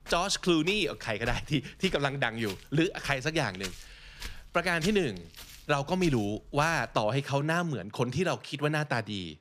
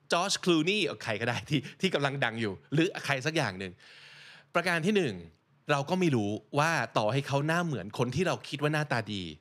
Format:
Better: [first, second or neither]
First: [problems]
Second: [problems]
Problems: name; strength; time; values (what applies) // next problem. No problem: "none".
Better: second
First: footsteps; faint; until 7 s; peak 10 dB below the speech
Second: none